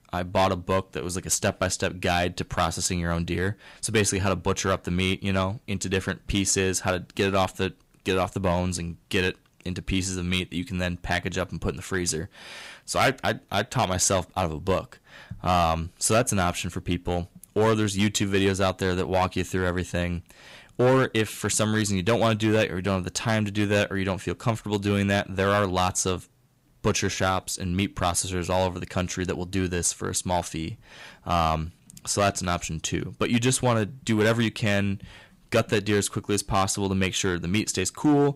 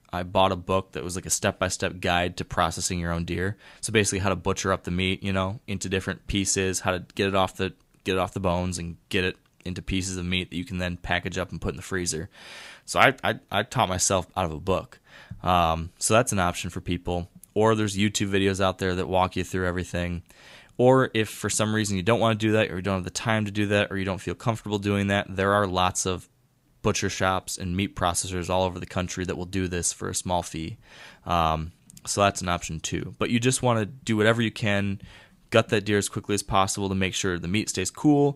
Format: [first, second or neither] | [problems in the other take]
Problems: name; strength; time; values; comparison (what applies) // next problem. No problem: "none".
second | distortion; slight; 3% of the sound clipped